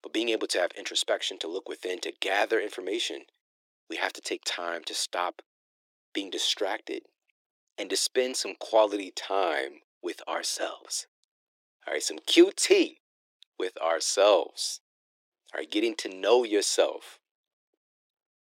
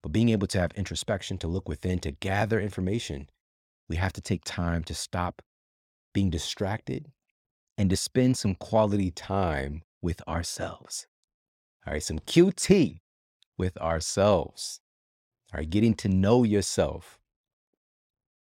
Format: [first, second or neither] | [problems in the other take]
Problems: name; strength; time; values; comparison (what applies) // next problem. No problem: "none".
second | thin; very; fading below 300 Hz